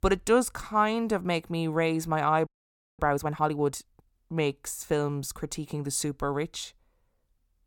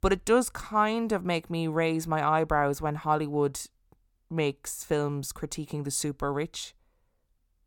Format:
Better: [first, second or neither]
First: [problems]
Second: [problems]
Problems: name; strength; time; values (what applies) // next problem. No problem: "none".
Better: second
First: audio freezing; at 2.5 s for 0.5 s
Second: none